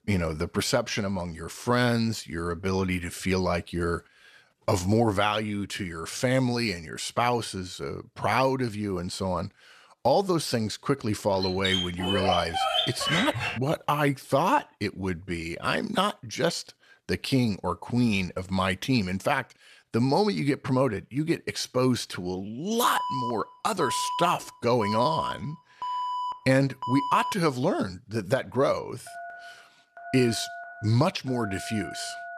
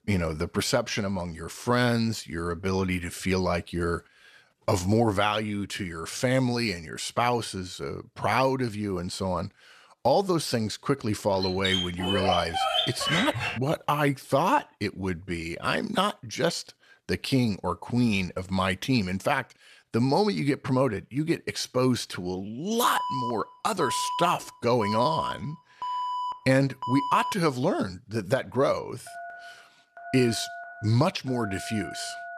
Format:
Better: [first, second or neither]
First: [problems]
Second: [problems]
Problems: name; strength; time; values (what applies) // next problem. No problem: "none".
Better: neither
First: dog barking; loud; from 11 to 14 s; peak 2 dB above the speech // alarm; noticeable; from 23 to 27 s; peak 3 dB below the speech // phone ringing; faint; from 29 s on; peak 10 dB below the speech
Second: dog barking; loud; from 11 to 14 s; peak 2 dB above the speech // alarm; noticeable; from 23 to 27 s; peak 3 dB below the speech // phone ringing; faint; from 29 s on; peak 10 dB below the speech